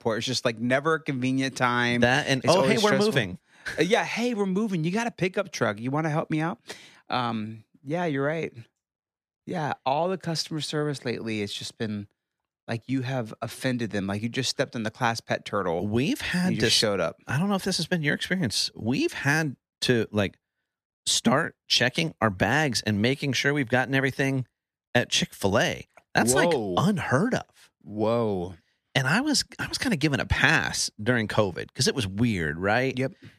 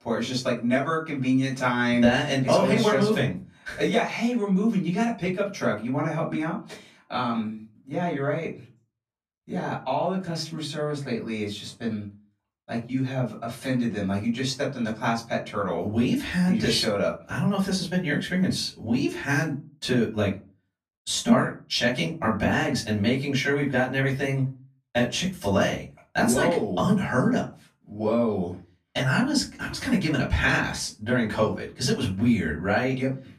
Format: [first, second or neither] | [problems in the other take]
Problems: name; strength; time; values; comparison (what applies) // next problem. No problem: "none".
first | room echo; slight; dies away in 0.3 s // off-mic speech; far